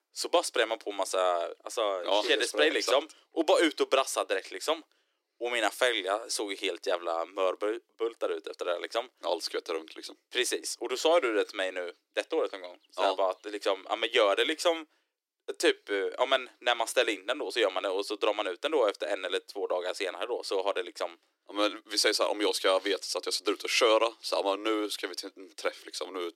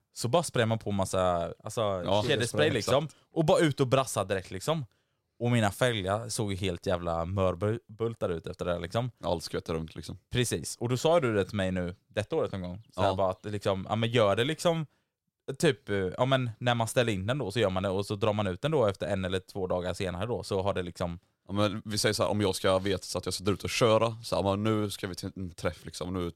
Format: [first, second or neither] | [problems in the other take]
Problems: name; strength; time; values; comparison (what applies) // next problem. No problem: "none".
second | thin; very; fading below 300 Hz